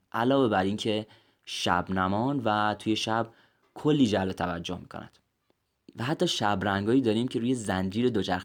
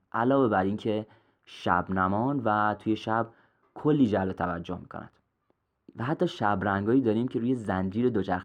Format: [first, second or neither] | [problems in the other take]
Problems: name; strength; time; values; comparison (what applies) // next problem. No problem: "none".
first | muffled; very; fading above 2.5 kHz